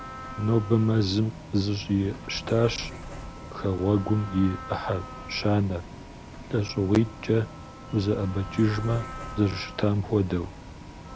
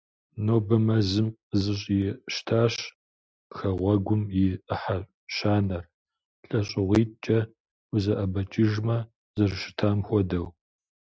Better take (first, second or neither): second